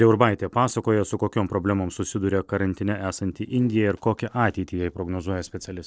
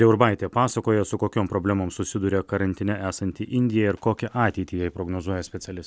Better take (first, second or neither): second